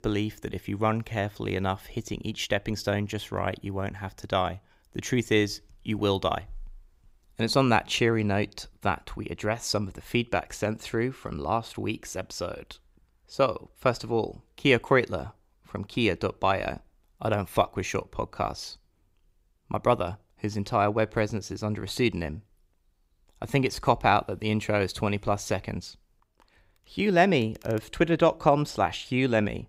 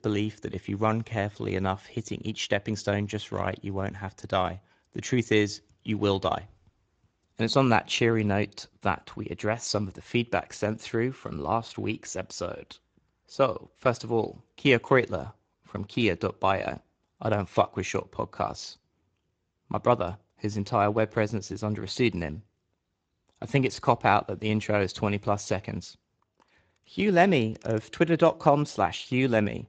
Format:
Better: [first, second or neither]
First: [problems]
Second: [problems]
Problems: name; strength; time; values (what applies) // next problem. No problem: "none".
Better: first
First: none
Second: garbled, watery; slightly; nothing above 7.5 kHz